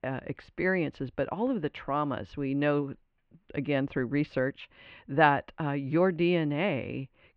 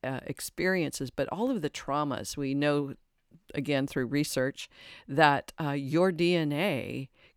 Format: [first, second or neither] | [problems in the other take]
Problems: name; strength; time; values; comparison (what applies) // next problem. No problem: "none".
second | muffled; very; fading above 3 kHz